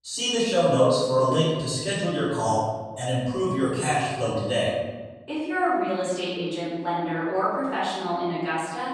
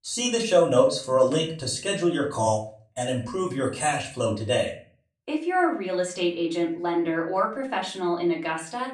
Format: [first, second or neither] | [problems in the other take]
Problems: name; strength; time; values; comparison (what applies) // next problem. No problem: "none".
second | room echo; strong; dies away in 1.3 s; slight in the second // off-mic speech; far; far in the second